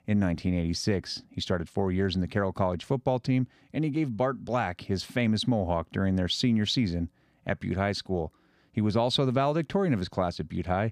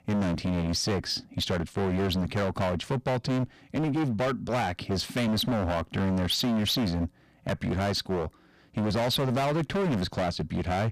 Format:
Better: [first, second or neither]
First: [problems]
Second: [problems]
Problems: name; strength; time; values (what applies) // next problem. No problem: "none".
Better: first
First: none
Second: distortion; heavy; 27% of the sound clipped